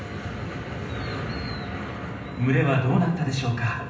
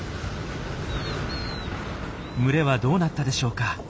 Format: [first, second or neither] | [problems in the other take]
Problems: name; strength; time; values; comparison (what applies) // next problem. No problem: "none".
second | room echo; dies away in 0.8 s